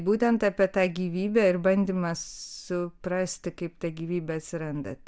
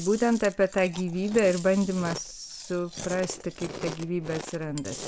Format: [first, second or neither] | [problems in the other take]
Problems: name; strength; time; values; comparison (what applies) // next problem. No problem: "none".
first | background sound (Chewing, mastication); 13 dB below the speech